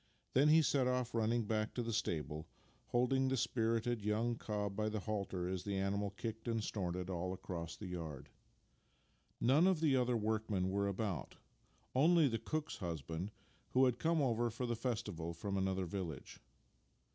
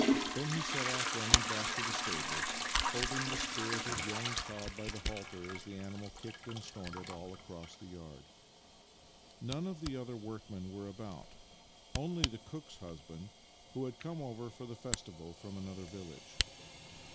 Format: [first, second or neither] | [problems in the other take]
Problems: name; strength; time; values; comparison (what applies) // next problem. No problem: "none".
first | background sound (Camera + Trickle, dribble / Toilet flush / Hiss); 4 dB above the speech